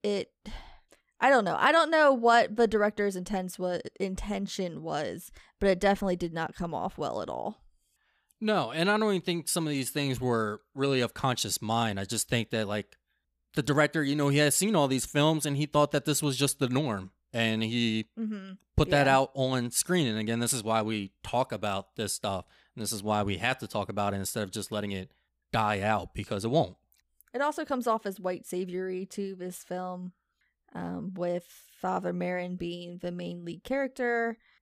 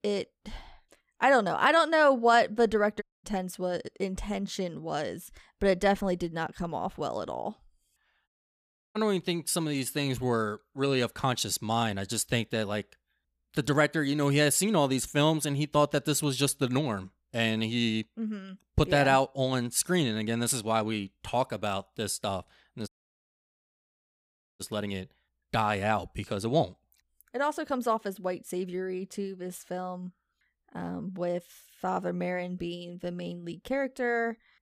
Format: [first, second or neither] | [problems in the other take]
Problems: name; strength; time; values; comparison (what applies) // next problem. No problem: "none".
first | audio cutting out; at 3 s, at 8.5 s for 0.5 s and at 23 s for 1.5 s